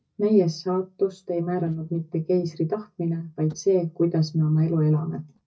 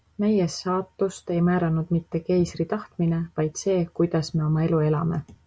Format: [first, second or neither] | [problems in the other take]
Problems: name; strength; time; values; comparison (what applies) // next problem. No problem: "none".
second | noise reduction (neural mask model DeepFilterNet 3)